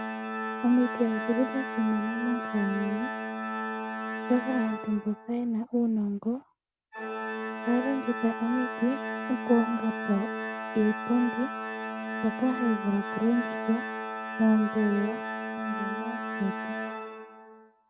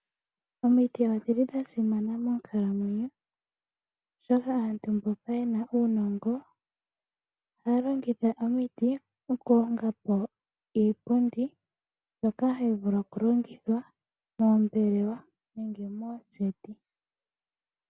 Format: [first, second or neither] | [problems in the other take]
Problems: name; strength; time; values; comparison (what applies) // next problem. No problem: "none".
second | background sound (Organ); 5 dB below the speech